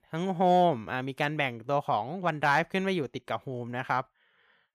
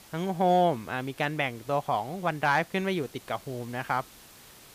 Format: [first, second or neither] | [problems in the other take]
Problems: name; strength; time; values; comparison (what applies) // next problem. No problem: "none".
first | hiss; faint; throughout; 20 dB below the speech